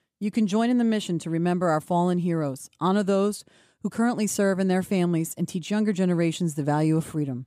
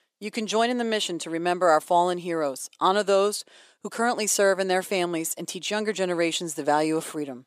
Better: first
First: none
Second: thin; very; fading below 500 Hz

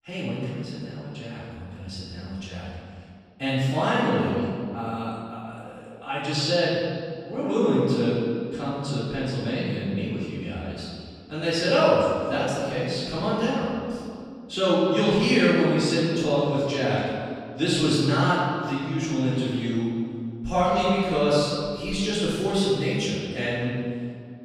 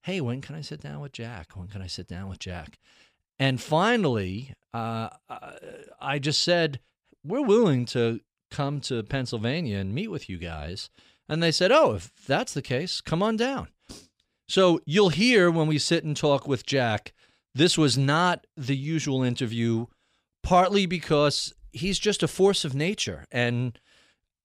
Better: second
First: room echo; strong; dies away in 2 s // off-mic speech; far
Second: none

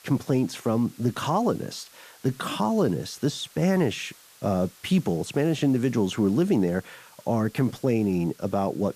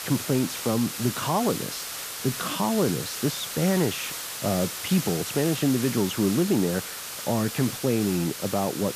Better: first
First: hiss; faint; throughout; 25 dB below the speech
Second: hiss; loud; throughout; 6 dB below the speech

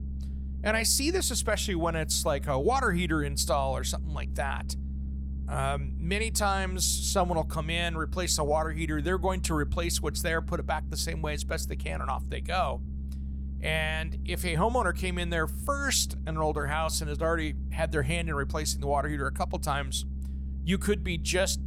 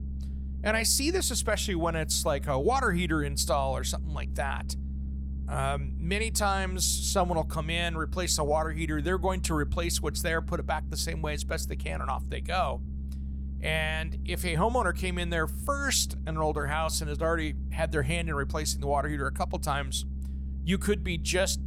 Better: neither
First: low rumble; faint; throughout; 20 dB below the speech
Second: low rumble; faint; throughout; 20 dB below the speech

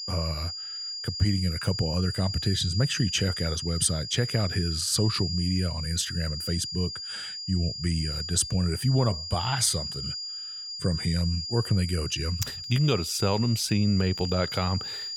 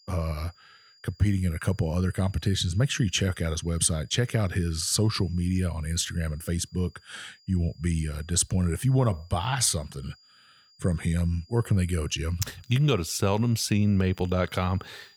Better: second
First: high-pitched whine; loud; throughout; 5 kHz, 5 dB below the speech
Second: high-pitched whine; faint; throughout; 5 kHz, 30 dB below the speech

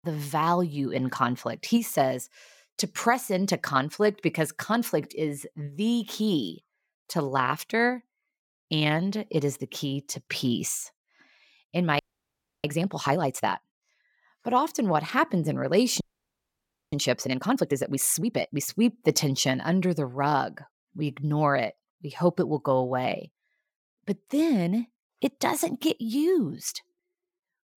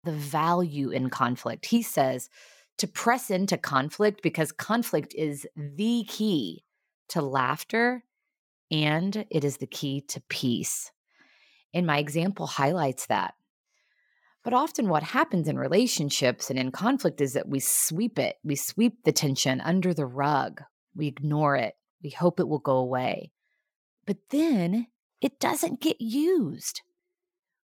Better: second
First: audio freezing; at 12 s for 0.5 s and at 16 s for 1 s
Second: none

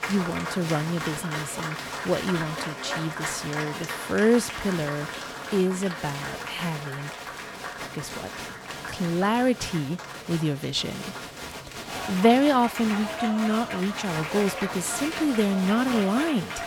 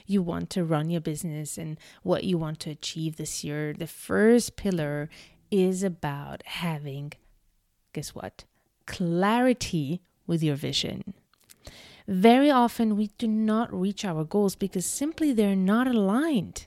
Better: second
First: crowd noise; loud; throughout; 7 dB below the speech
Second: none

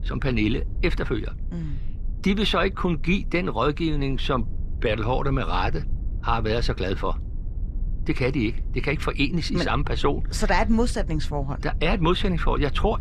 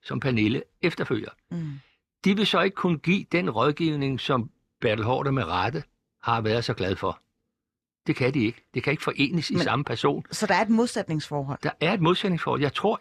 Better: second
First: low rumble; faint; throughout; 25 dB below the speech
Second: none

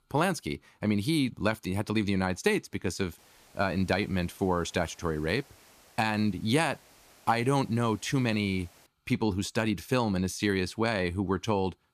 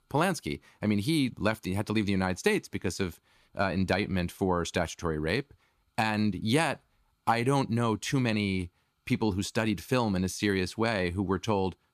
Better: second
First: hiss; faint; from 3 to 9 s; 25 dB below the speech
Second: none

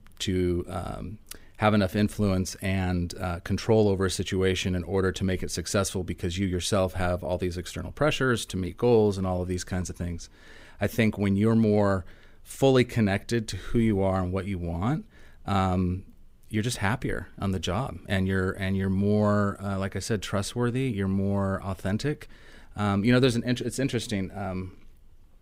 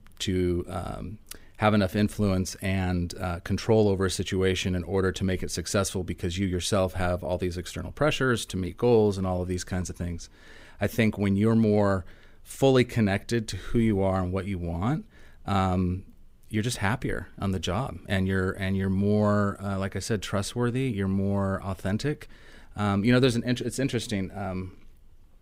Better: neither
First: none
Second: none

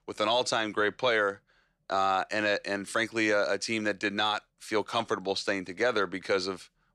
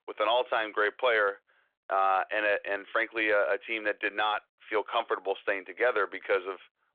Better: first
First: none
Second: phone-call audio; nothing above 3.5 kHz

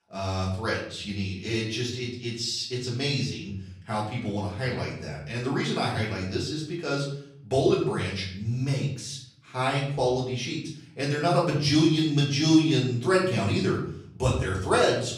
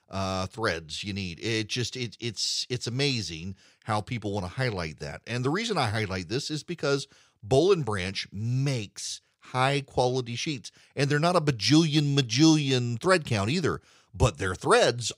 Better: second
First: off-mic speech; far // room echo; noticeable; dies away in 0.6 s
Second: none

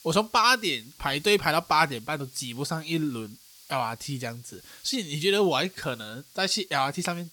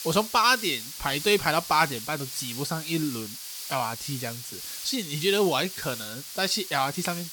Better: first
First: hiss; faint; throughout; 25 dB below the speech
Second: hiss; loud; throughout; 9 dB below the speech

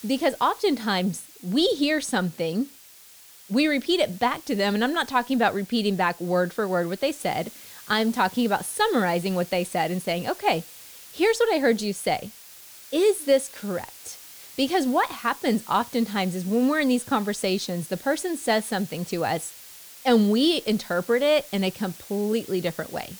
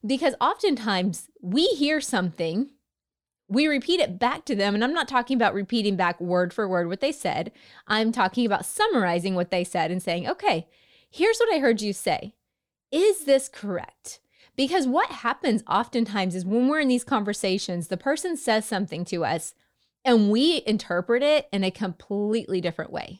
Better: second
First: hiss; noticeable; throughout; 15 dB below the speech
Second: none

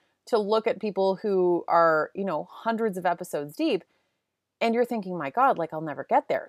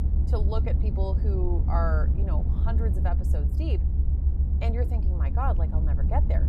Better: first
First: none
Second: low rumble; loud; throughout; 6 dB below the speech

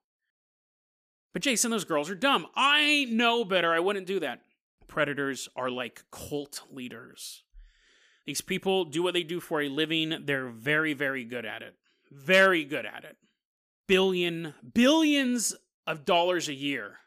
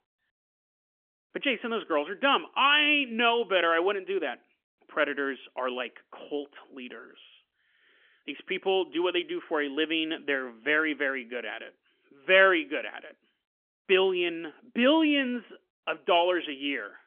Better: first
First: none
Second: phone-call audio; nothing above 3.5 kHz

